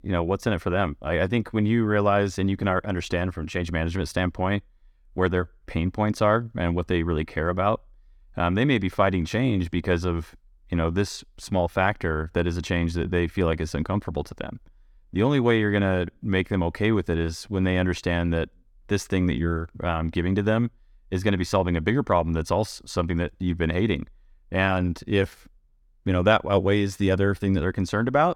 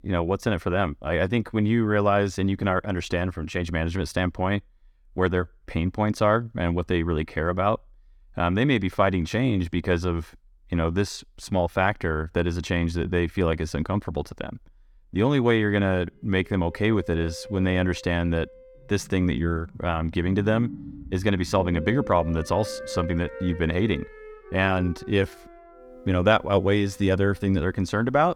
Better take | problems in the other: first | background music; noticeable; from 16 s on; 15 dB below the speech

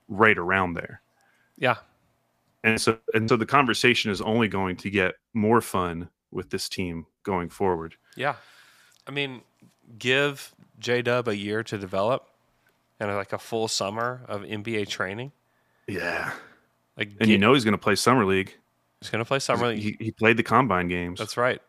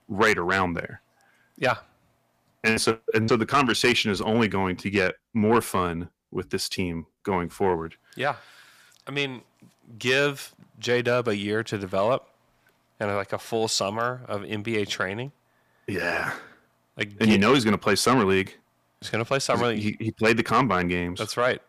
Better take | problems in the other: first | distortion; slight; 10 dB below the speech

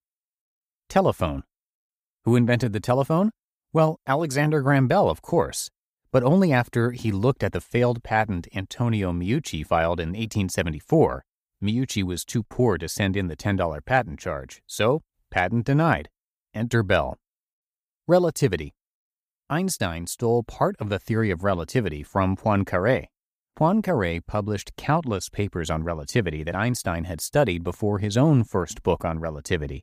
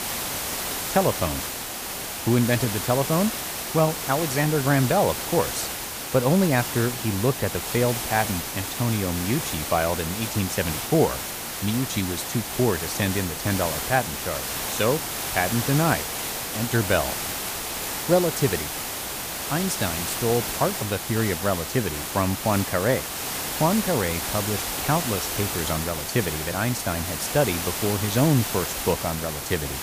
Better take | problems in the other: first | hiss; loud; throughout; 3 dB below the speech

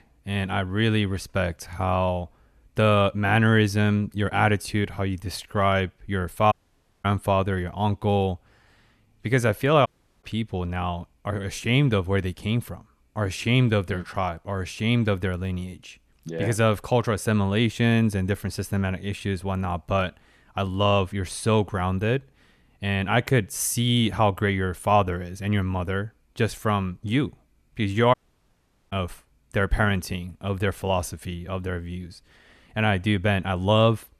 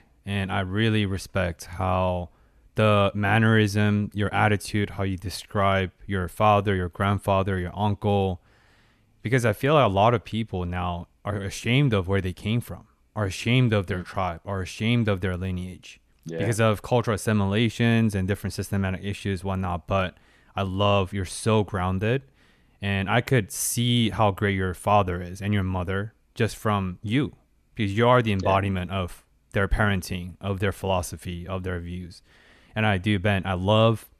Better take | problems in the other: second | audio cutting out; at 6.5 s for 0.5 s, at 10 s and at 28 s for 1 s

